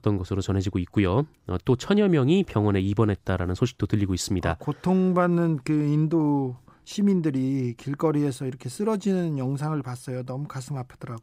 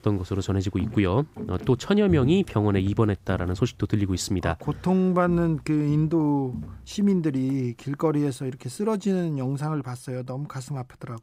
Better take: first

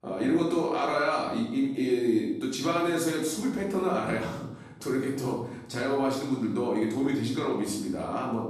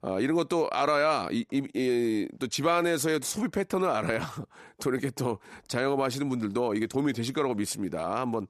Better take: second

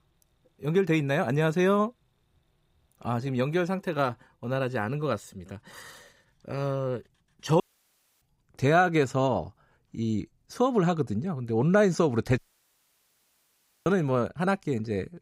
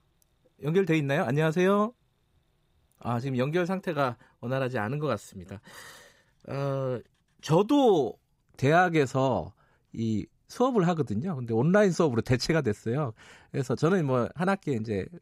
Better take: second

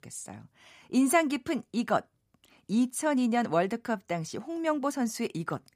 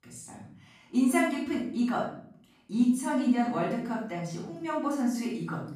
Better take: first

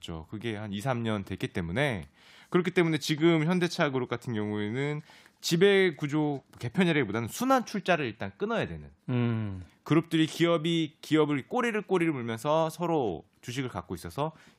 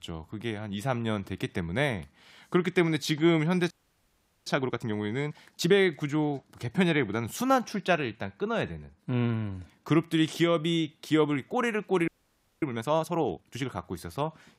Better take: first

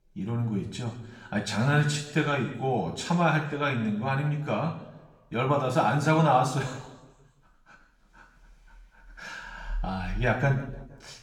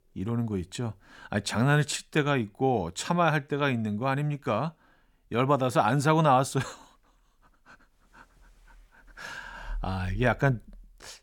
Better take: second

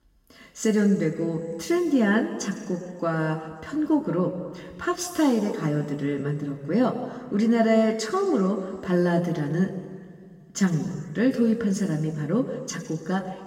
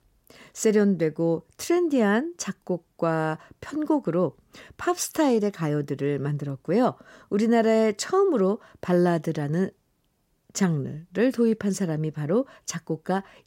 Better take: second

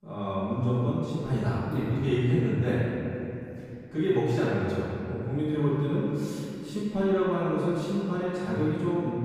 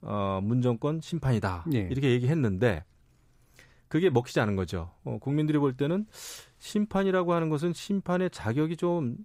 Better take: second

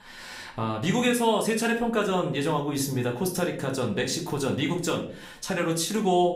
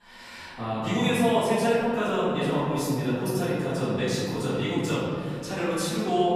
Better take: first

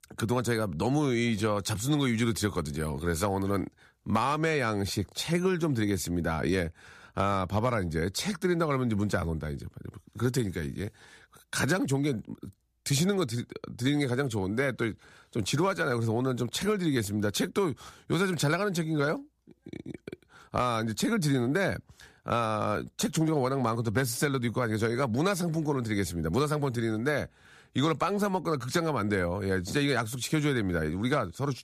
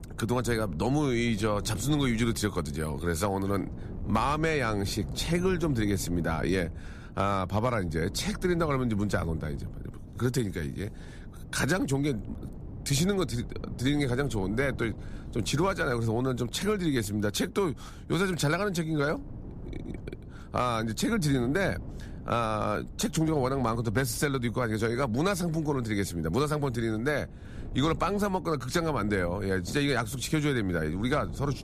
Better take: first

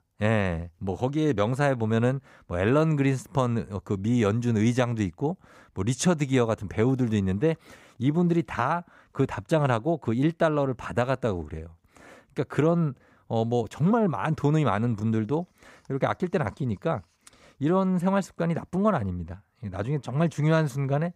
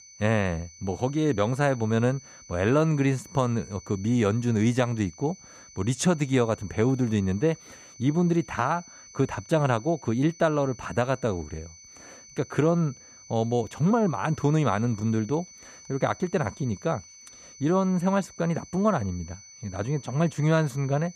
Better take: first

